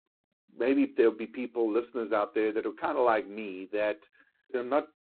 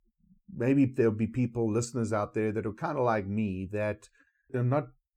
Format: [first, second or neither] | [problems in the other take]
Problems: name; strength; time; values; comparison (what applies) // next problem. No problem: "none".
second | phone-call audio; poor line; nothing above 4 kHz